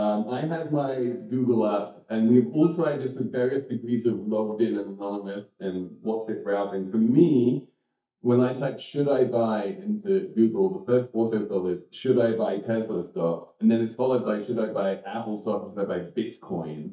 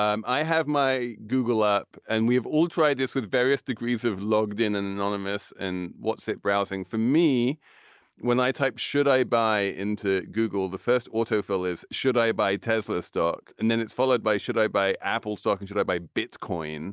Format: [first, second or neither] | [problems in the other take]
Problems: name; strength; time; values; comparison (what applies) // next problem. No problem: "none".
second | noise reduction (neural mask model DeepFilterNet 3)